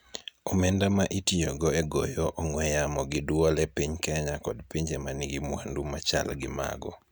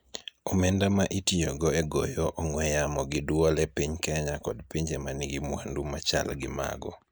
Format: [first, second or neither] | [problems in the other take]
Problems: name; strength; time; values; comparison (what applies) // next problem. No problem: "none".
first | noise reduction (neural mask model Resemble Enhance denoiser)